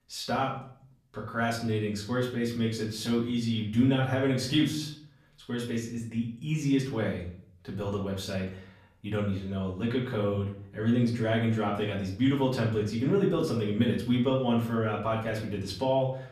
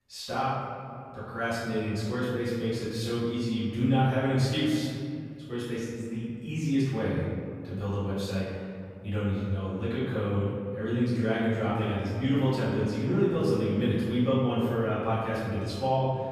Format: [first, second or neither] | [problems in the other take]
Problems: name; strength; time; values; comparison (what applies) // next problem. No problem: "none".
first | room echo; strong; dies away in 2.2 s; slight in the first // off-mic speech; far; far in the first